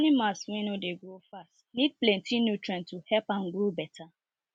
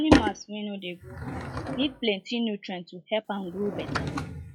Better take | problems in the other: first | noise reduction (classical method log-MMSE)

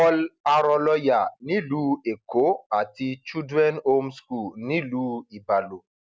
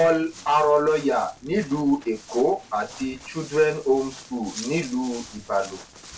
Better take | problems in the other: first | background sound (Walk, footsteps); 19 dB below the speech // room echo; dies away in 0.2 s

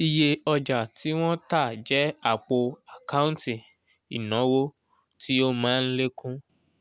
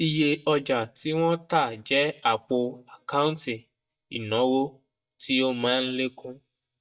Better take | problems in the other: first | noise reduction (neural mask model DeepFilterNet 3)

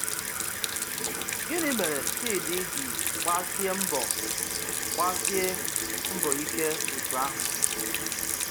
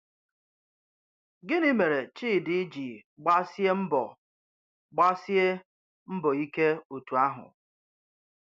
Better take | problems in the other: second | background sound (Sink (filling or washing) / Water tap, faucet); 4 dB above the speech

